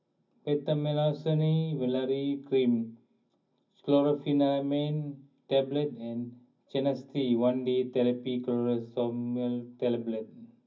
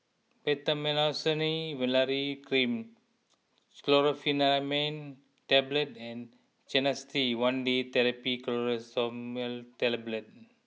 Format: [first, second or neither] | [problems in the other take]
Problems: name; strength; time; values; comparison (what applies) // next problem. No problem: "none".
second | room echo; dies away in 0.4 s